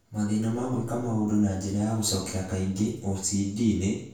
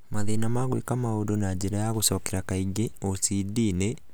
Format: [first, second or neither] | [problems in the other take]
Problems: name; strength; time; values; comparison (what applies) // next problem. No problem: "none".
second | room echo; dies away in 0.6 s